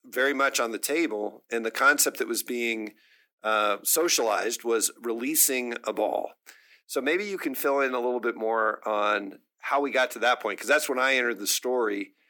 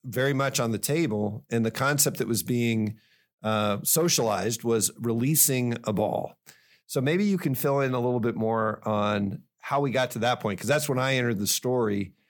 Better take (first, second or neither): second